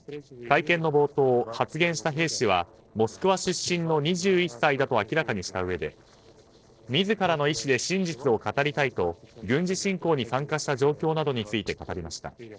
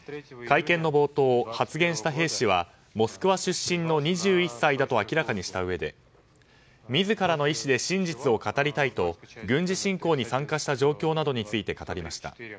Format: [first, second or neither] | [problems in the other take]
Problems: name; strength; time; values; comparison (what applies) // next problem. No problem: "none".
second | noise reduction (neural separator model SepFormer DNS4)